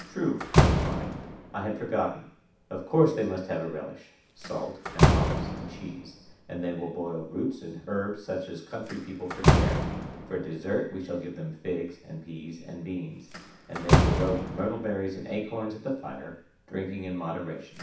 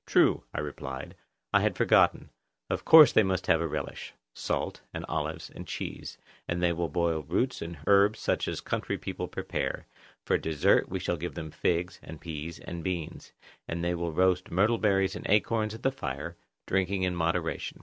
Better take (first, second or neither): second